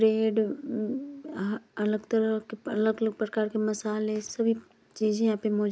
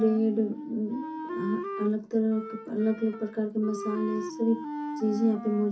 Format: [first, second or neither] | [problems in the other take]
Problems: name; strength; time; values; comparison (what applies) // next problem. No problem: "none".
first | background sound (Wind instrument, woodwind instrument); 9 dB below the speech // room echo; dies away in 0.3 s